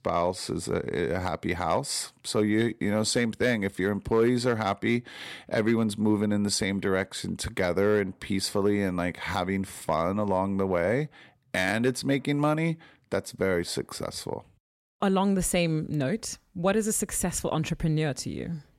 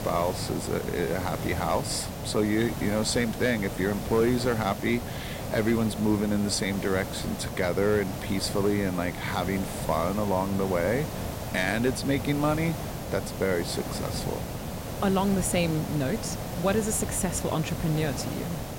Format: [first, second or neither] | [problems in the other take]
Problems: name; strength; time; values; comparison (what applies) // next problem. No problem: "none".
first | hiss; loud; throughout; 6 dB below the speech